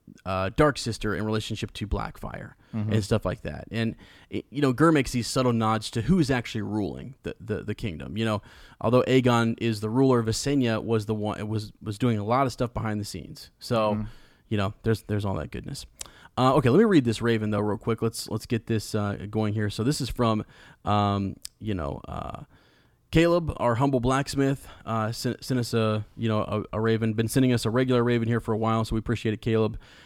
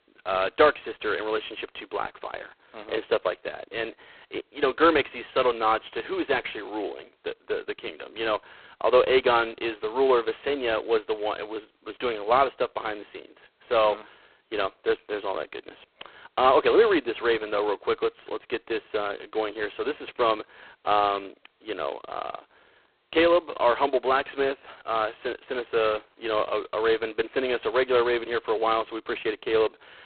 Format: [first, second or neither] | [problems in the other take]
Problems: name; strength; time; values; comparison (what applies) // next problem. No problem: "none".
first | phone-call audio; poor line; nothing above 4 kHz